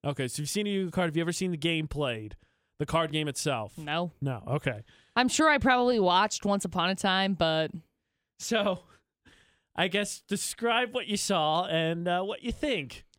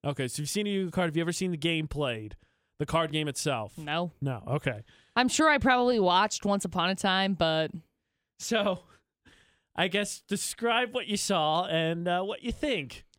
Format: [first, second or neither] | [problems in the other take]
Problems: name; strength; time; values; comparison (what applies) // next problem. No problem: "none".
neither | none